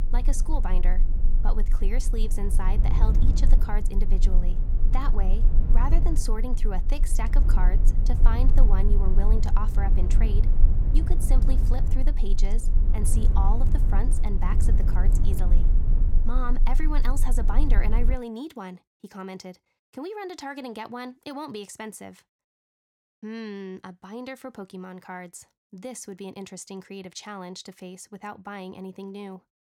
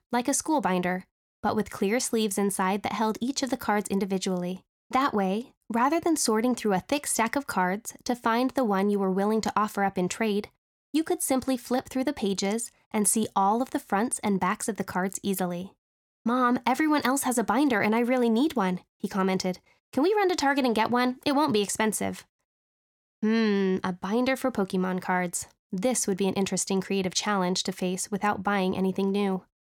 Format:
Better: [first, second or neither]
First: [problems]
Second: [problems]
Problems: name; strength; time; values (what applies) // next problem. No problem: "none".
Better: second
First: low rumble; loud; until 18 s; 7 dB below the speech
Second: none